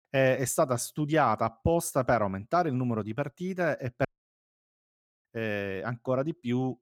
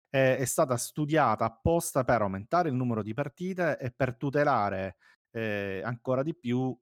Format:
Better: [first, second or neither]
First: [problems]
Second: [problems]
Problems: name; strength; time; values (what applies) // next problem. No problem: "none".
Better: second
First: audio cutting out; at 4 s for 1 s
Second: none